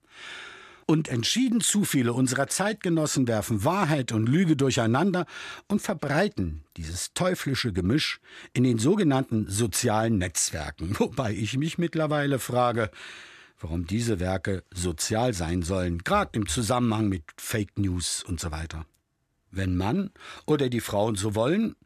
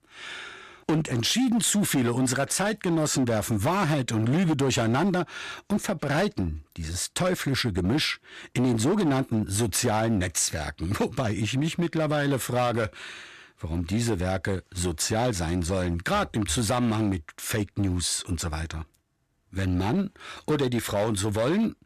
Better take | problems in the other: first | distortion; slight; 10% of the sound clipped

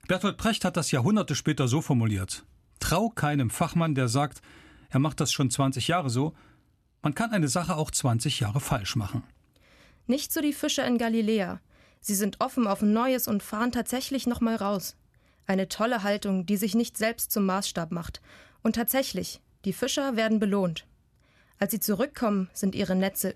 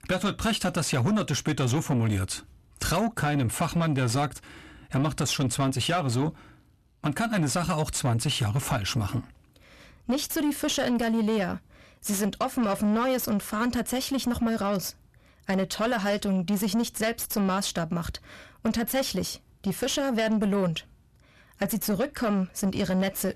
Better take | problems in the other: first | distortion; slight; 9 dB below the speech

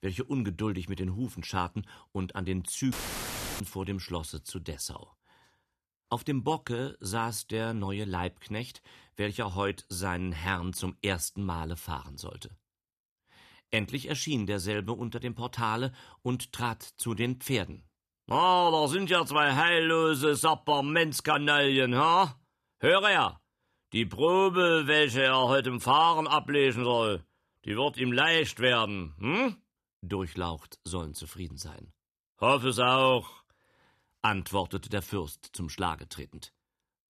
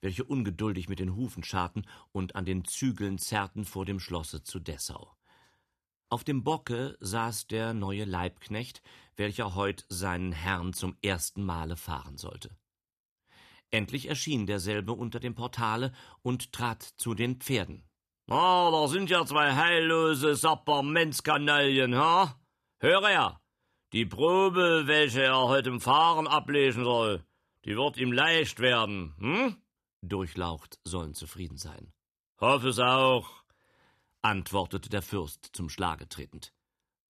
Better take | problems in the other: second | audio cutting out; filled with static; at 3 s for 0.5 s

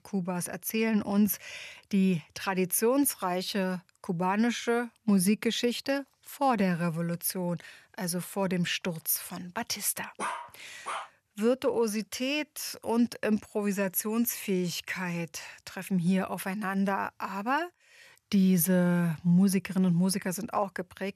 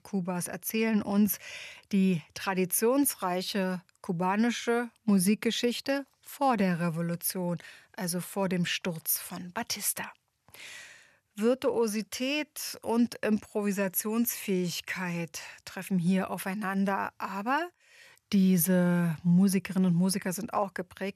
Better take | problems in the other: second | dog barking; noticeable; at 10 s; peak 6 dB below the speech

